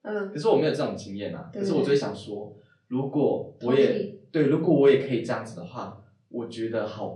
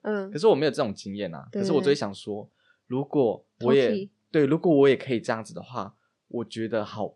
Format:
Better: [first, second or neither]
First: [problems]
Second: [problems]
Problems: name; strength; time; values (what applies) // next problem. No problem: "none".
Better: second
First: room echo; slight; dies away in 0.4 s // off-mic speech; far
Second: none